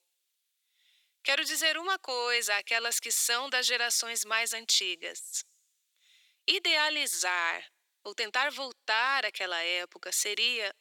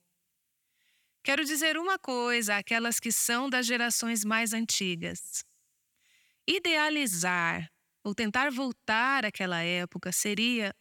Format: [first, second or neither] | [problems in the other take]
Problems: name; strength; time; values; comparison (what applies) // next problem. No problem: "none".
second | thin; very; fading below 400 Hz